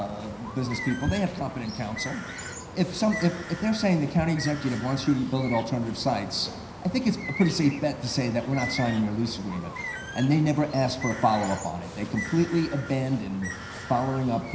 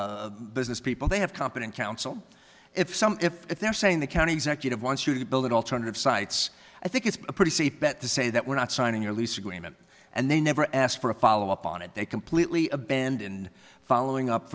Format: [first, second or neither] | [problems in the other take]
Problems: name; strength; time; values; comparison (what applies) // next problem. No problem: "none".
second | background sound (Bird); 11 dB below the speech // room echo; dies away in 0.9 s